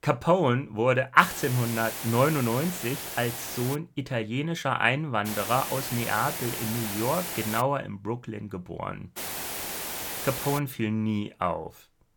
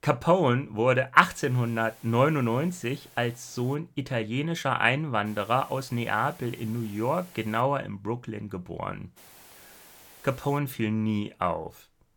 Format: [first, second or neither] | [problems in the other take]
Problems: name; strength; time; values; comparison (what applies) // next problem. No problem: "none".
second | hiss; loud; from 1 to 4 s, from 5.5 to 7.5 s and from 9 to 11 s; 5 dB below the speech; faint in the second